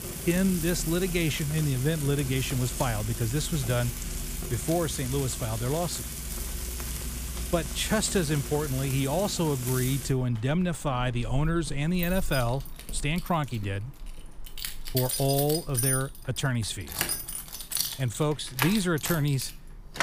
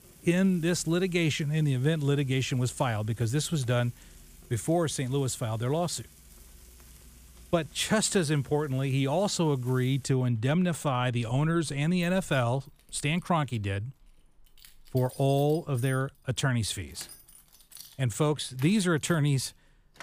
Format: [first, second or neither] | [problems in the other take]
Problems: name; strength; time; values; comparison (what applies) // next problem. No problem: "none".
second | household noises; loud; throughout; 5 dB below the speech; faint in the second